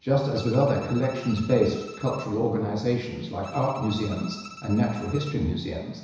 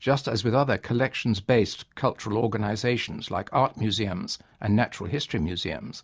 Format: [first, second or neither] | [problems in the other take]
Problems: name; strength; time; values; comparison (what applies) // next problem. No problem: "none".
second | background sound (Bowed string instrument); 19 dB below the speech // room echo; dies away in 1 s